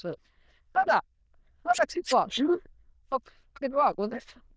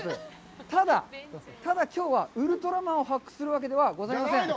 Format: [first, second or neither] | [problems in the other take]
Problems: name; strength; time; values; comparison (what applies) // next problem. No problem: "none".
second | noise reduction (neural diffusion model UNIVERSE++)